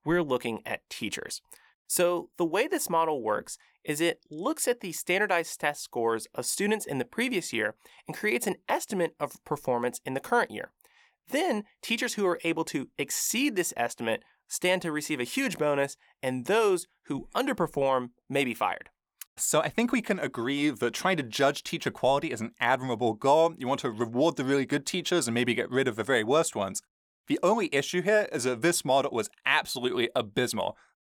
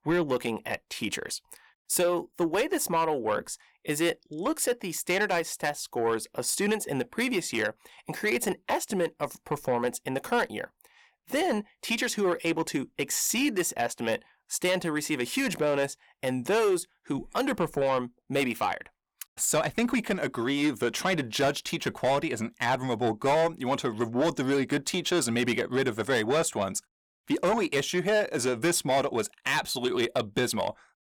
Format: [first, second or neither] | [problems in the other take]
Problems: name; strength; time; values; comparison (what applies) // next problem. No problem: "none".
first | distortion; slight; 10 dB below the speech